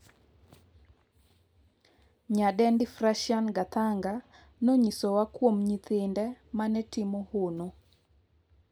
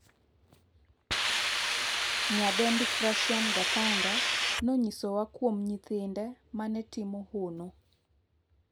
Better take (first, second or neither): first